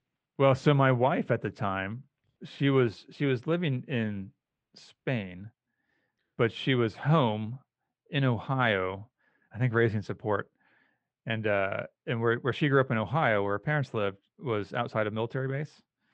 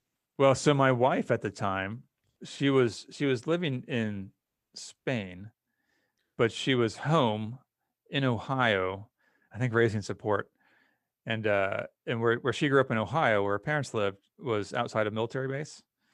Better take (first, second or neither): second